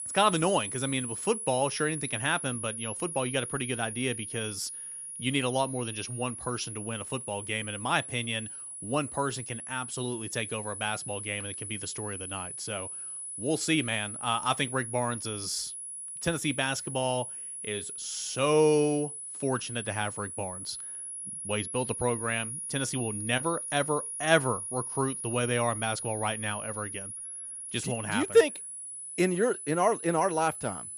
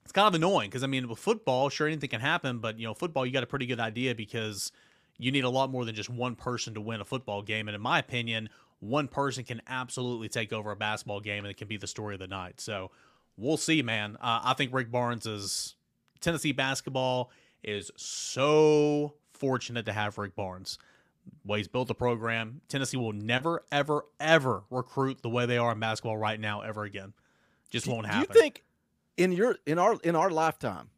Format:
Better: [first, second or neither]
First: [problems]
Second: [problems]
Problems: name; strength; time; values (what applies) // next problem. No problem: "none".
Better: second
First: high-pitched whine; loud; throughout; 10.5 kHz, 6 dB below the speech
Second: none